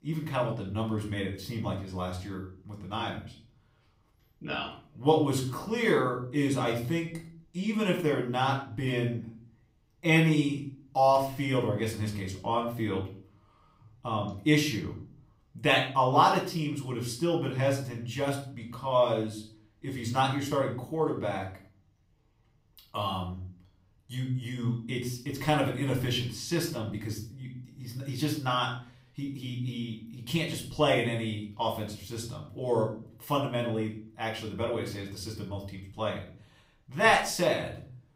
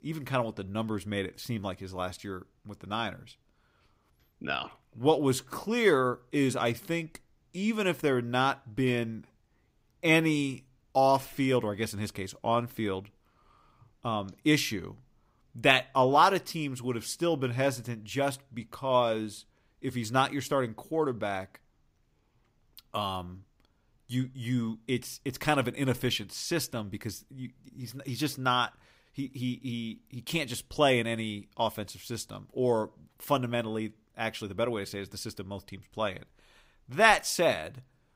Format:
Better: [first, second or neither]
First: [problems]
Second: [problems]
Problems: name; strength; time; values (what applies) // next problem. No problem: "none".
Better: second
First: off-mic speech; far // room echo; slight; dies away in 0.5 s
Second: none